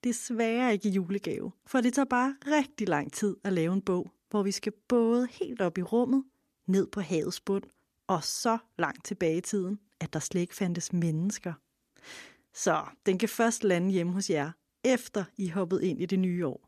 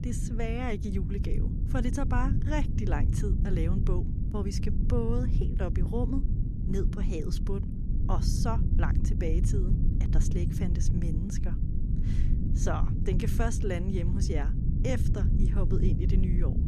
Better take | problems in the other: first | low rumble; loud; throughout; 5 dB below the speech

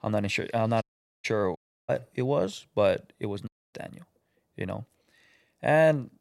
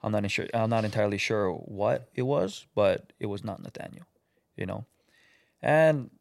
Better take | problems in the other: second | audio cutting out; at 1 s, at 1.5 s and at 3.5 s

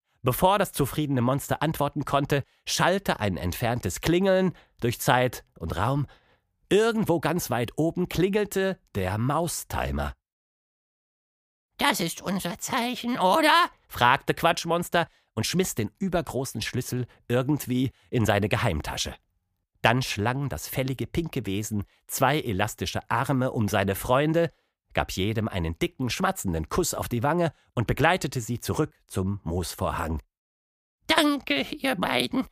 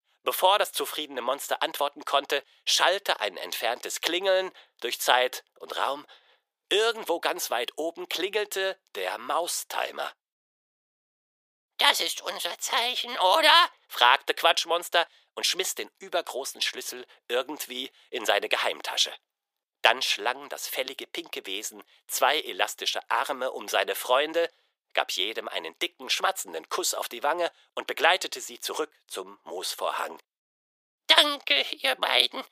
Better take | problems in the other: first | thin; very; fading below 450 Hz

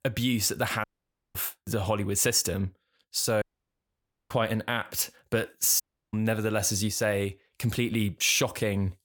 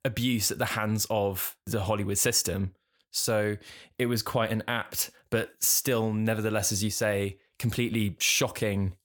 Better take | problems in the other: second | audio cutting out; at 1 s for 0.5 s, at 3.5 s for 1 s and at 6 s

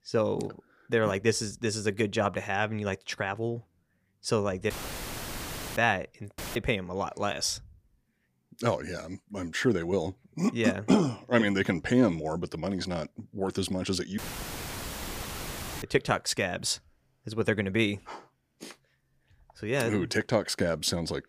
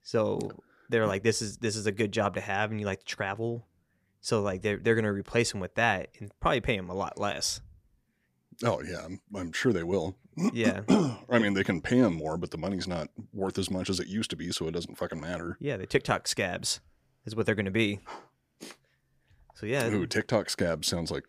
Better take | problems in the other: second | audio cutting out; filled with static; at 4.5 s for 1 s, at 6.5 s and at 14 s for 1.5 s

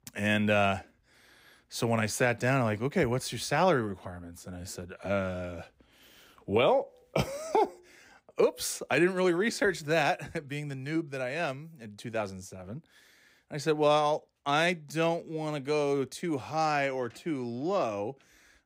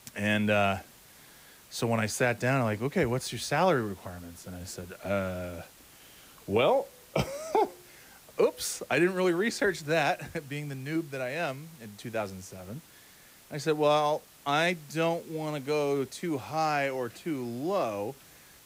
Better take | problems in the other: first | hiss; faint; throughout; 25 dB below the speech

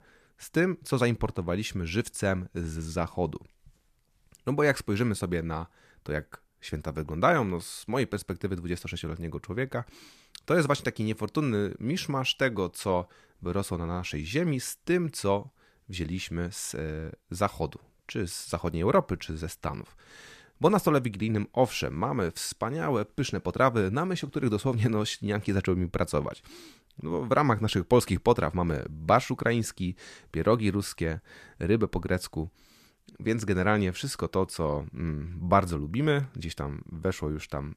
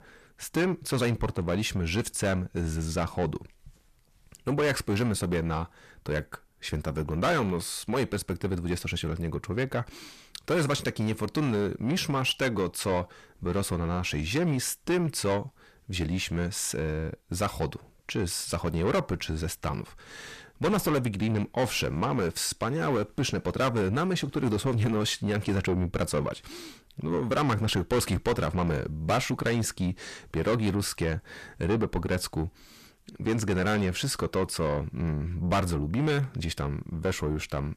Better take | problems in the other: first | distortion; heavy; 7 dB below the speech

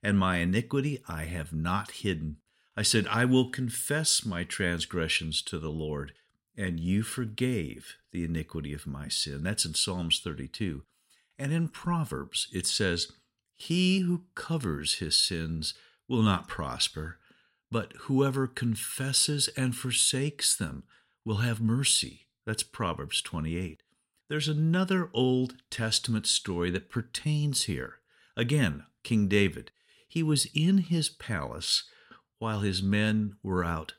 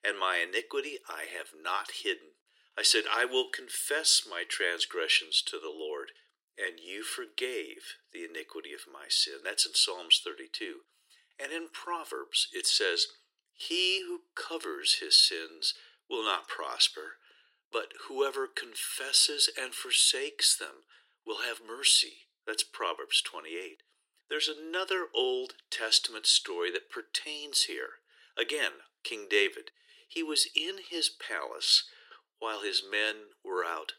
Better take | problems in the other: first | thin; very; fading below 350 Hz

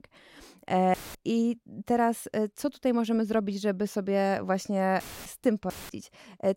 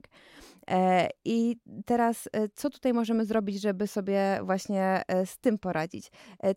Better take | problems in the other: second | audio cutting out; filled with static; at 1 s, at 5 s and at 5.5 s

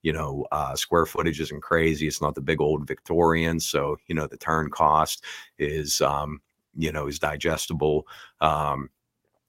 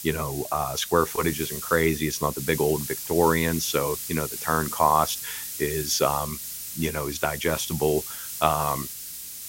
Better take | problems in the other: first | hiss; loud; throughout; 7 dB below the speech

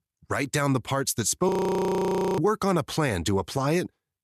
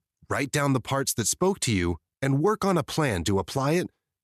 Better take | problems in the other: second | audio freezing; at 1.5 s for 1 s

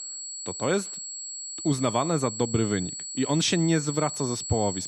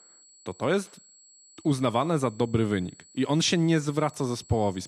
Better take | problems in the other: second | high-pitched whine; loud; throughout; 7.5 kHz, 7 dB below the speech; faint in the second

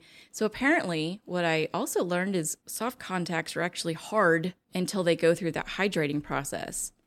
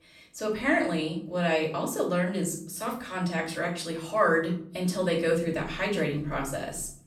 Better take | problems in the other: first | off-mic speech; far // room echo; slight; dies away in 0.6 s

